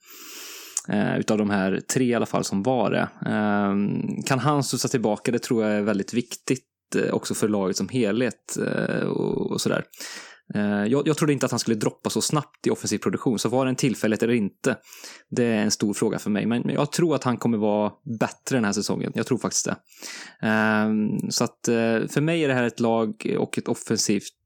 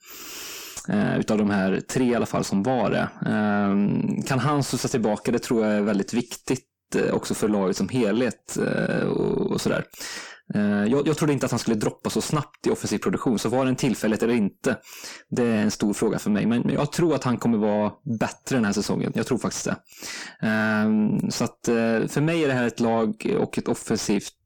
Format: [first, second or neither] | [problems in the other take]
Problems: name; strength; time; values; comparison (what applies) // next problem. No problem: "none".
first | distortion; slight; 10 dB below the speech